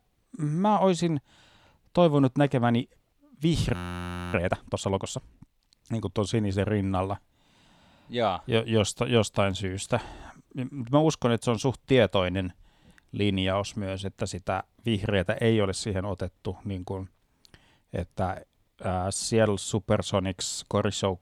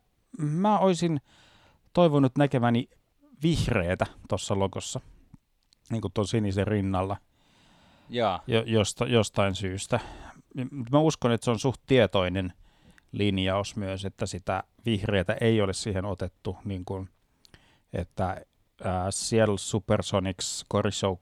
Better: second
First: audio freezing; at 3.5 s for 0.5 s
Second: none

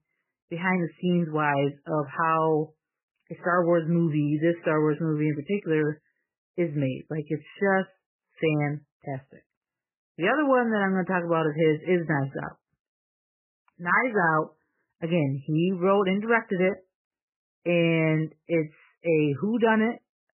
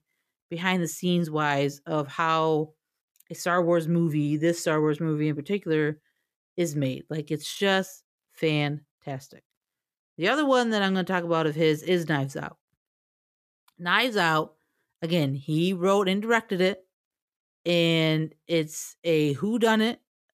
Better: second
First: garbled, watery; badly; nothing above 3 kHz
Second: none

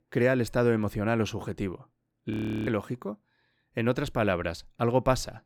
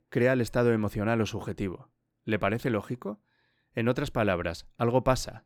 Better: second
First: audio freezing; at 2.5 s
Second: none

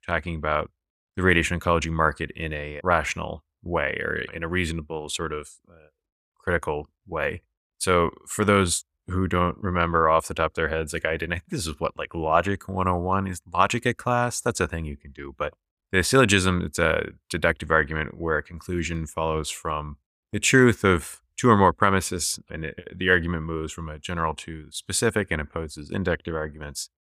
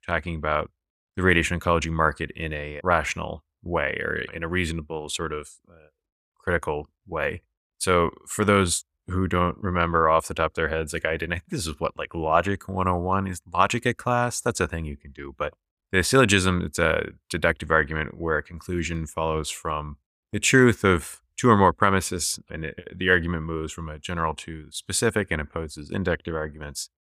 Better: neither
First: none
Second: none

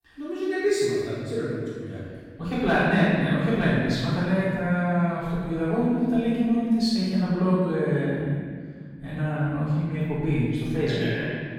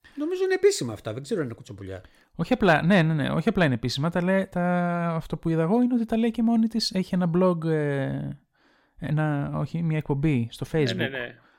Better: second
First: room echo; strong; dies away in 1.9 s // off-mic speech; far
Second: none

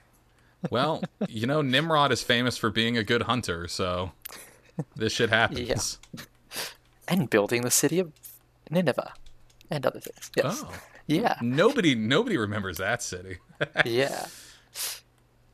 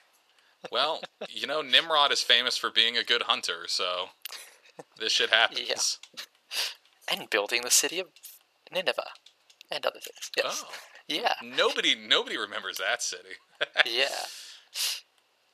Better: first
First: none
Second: thin; very; fading below 600 Hz

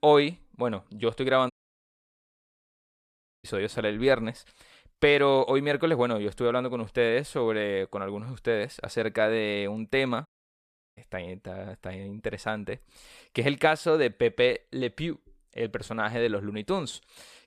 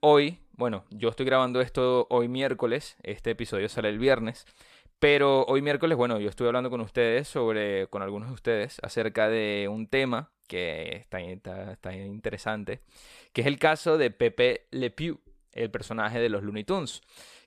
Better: second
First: audio cutting out; at 1.5 s for 2 s and at 10 s for 0.5 s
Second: none

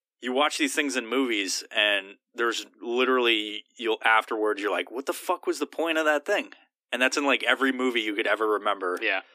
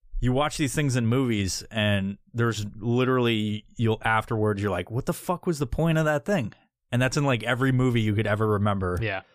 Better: second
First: thin; somewhat; fading below 250 Hz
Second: none

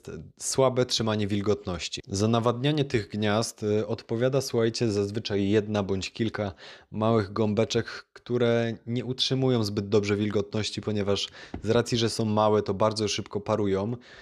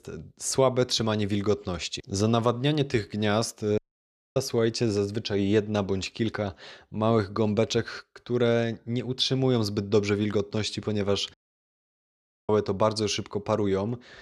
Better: first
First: none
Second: audio cutting out; at 4 s for 0.5 s and at 11 s for 1 s

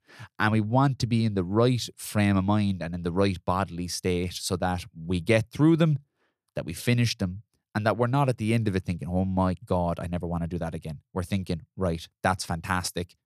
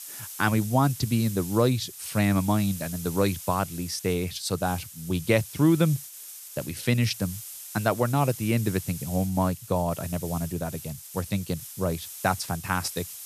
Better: first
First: none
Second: hiss; noticeable; throughout; 10 dB below the speech

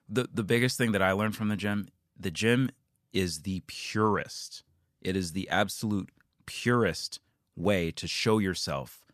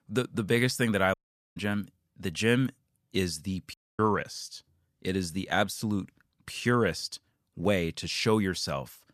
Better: first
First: none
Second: audio cutting out; at 1 s and at 3.5 s

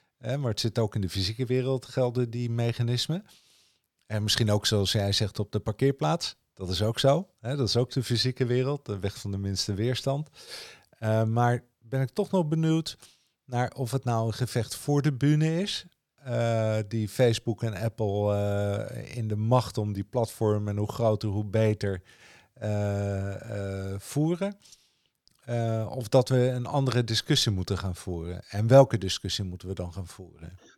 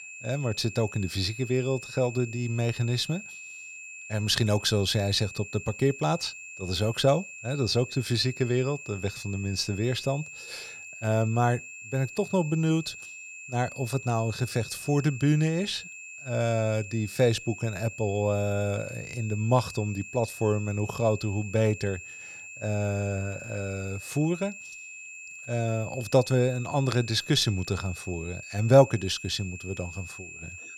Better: first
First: none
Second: high-pitched whine; noticeable; throughout; 2.5 kHz, 10 dB below the speech

